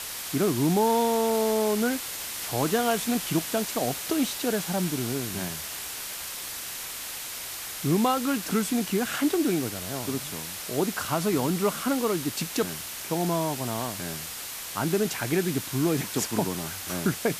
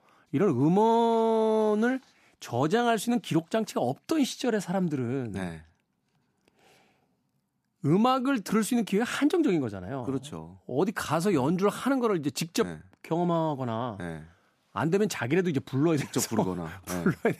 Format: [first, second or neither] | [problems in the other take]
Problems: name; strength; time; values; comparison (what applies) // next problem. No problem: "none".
second | hiss; loud; throughout; 5 dB below the speech